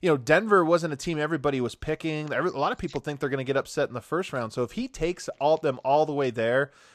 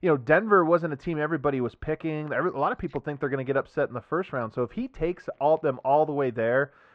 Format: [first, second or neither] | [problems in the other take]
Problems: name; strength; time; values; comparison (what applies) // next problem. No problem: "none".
first | muffled; very; fading above 1.5 kHz